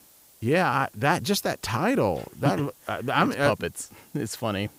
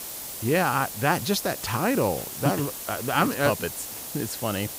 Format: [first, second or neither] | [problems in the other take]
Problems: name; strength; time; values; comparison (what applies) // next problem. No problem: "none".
first | hiss; loud; throughout; 7 dB below the speech; faint in the first